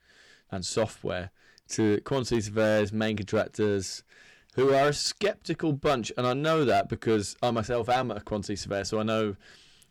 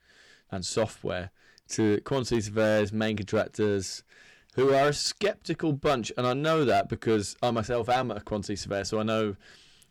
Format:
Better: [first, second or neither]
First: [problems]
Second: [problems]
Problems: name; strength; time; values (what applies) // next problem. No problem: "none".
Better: neither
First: distortion; slight; 5% of the sound clipped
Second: distortion; slight; 5% of the sound clipped